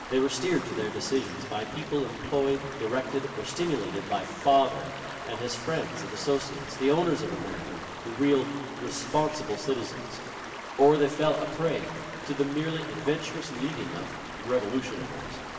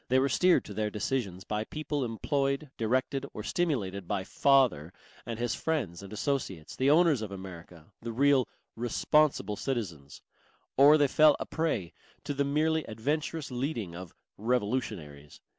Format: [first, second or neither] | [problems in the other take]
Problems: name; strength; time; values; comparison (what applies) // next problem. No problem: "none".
second | background sound (Stream); 10 dB below the speech // room echo; dies away in 2.4 s